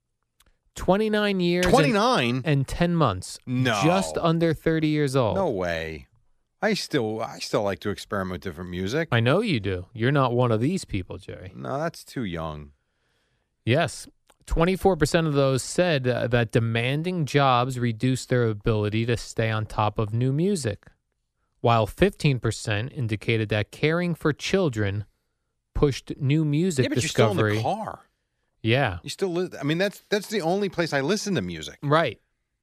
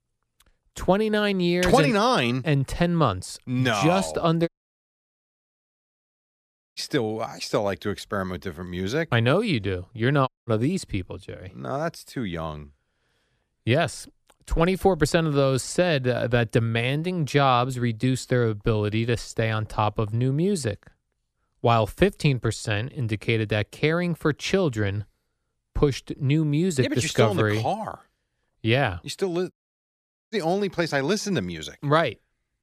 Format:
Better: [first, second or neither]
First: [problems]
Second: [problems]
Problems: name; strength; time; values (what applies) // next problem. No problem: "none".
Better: first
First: none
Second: audio cutting out; at 4.5 s for 2.5 s, at 10 s and at 30 s for 1 s